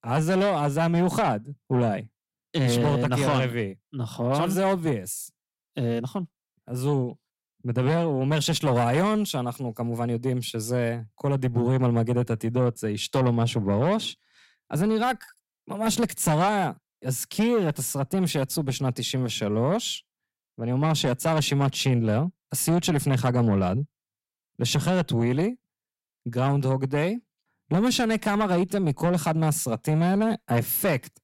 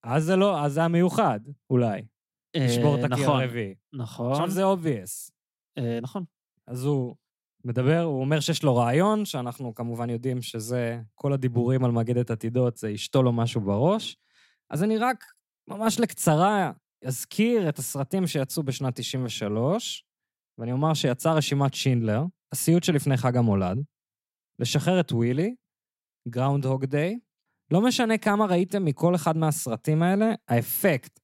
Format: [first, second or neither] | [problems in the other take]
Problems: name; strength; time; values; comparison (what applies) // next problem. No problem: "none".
second | distortion; slight; 10 dB below the speech